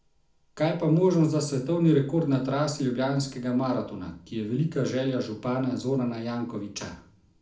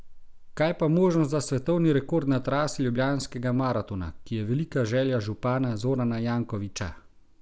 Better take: second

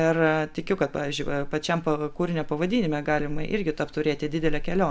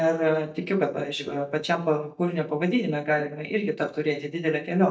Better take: first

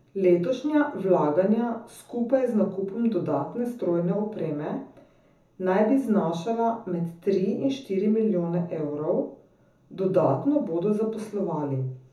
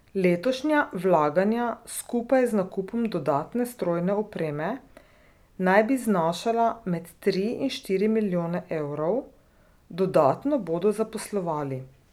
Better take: second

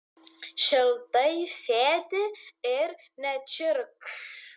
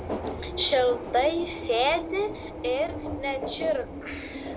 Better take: first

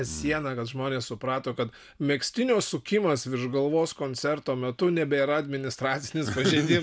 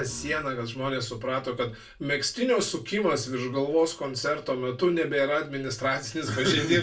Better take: first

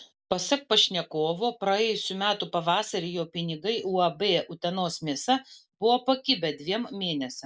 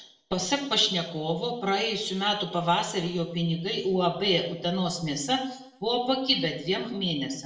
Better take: first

